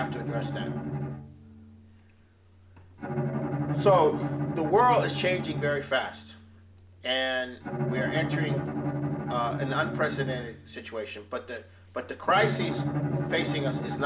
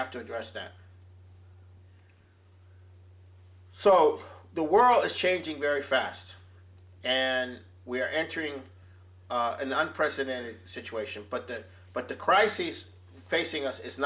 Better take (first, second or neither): second